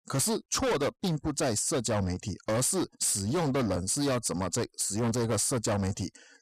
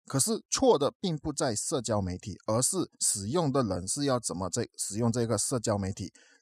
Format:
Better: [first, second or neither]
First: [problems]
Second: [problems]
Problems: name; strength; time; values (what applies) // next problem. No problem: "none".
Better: second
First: distortion; heavy; 22% of the sound clipped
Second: none